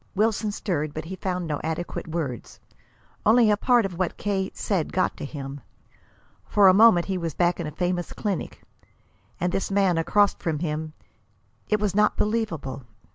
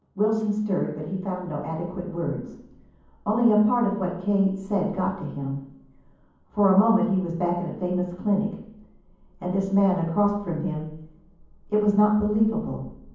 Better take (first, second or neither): first